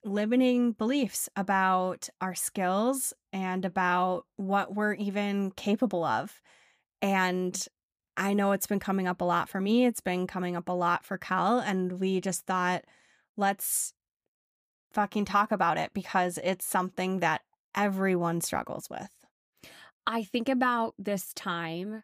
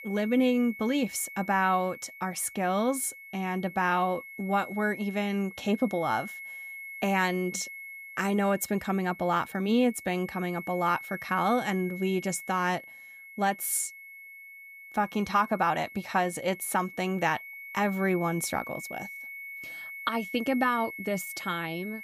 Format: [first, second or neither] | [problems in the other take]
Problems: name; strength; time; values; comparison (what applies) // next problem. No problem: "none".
first | high-pitched whine; noticeable; throughout; 2 kHz, 10 dB below the speech